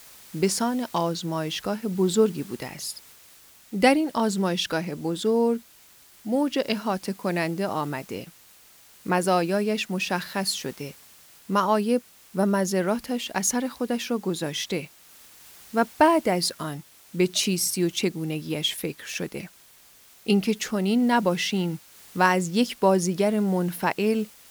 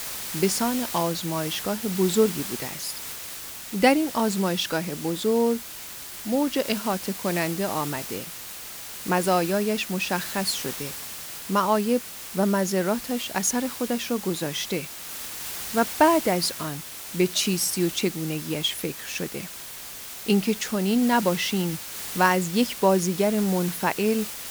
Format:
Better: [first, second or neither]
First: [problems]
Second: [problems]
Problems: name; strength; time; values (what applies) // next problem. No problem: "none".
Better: first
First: hiss; faint; throughout; 20 dB below the speech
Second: hiss; loud; throughout; 8 dB below the speech